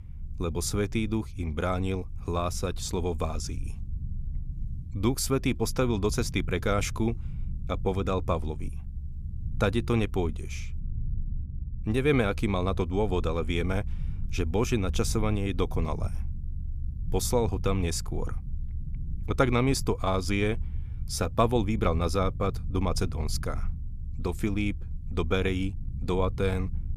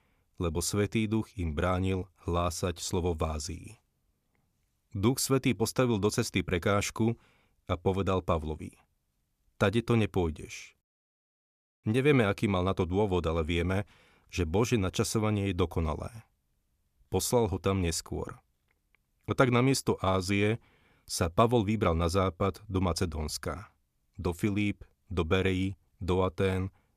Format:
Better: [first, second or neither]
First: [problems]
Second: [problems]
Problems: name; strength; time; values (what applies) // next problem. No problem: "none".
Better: second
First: low rumble; faint; throughout; 20 dB below the speech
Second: none